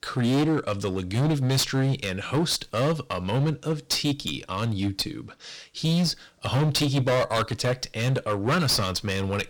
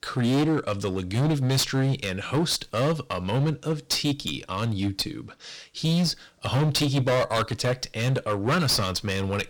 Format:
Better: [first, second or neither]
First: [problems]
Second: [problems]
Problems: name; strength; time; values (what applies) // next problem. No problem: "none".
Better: neither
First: distortion; heavy; 15% of the sound clipped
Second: distortion; heavy; 15% of the sound clipped